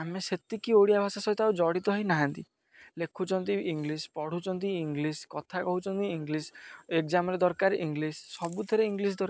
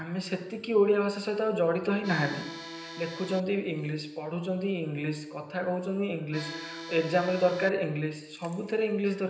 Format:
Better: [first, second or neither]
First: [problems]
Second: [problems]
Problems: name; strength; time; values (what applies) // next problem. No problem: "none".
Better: first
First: none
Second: background sound (Accordion); 11 dB below the speech // room echo; dies away in 0.9 s